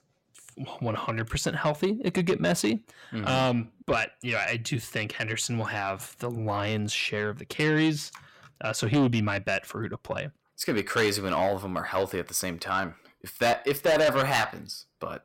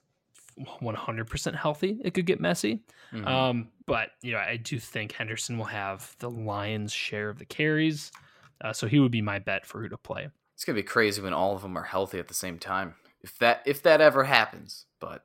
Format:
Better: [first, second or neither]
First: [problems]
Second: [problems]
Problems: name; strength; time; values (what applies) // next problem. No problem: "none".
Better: second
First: distortion; heavy; 7 dB below the speech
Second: none